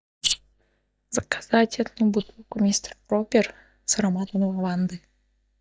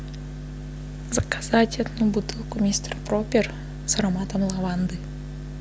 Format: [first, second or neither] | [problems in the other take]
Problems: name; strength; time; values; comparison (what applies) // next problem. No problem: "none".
second | noise reduction (neural mask model DeepFilterNet 3)